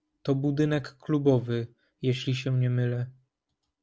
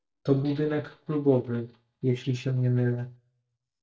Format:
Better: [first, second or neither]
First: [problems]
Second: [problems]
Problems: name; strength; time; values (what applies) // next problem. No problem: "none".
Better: first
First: none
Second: noise reduction (neural mask model DeepFilterNet 3)